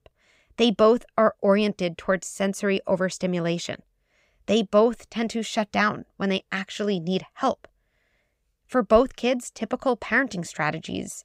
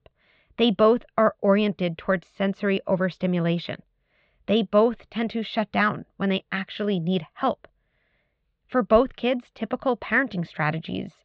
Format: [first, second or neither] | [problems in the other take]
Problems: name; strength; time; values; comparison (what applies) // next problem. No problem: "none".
first | muffled; slightly; fading above 4 kHz